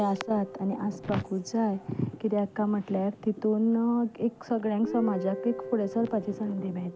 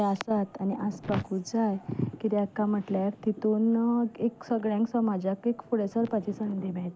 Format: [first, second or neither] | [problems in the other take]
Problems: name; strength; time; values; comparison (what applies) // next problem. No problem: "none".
second | background sound (Guitar); 14 dB below the speech